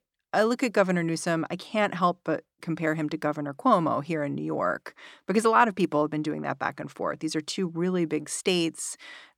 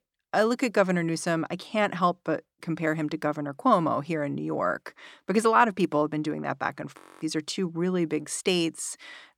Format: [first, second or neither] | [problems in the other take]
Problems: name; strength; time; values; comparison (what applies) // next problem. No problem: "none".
first | audio freezing; at 7 s